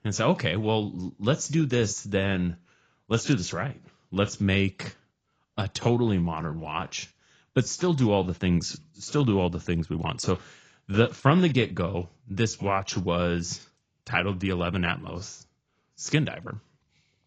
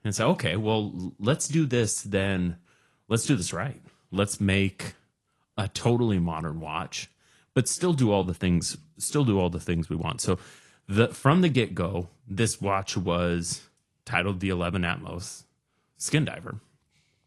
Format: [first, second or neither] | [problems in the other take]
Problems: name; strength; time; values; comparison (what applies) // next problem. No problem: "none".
second | garbled, watery; badly; nothing above 7.5 kHz; slightly in the second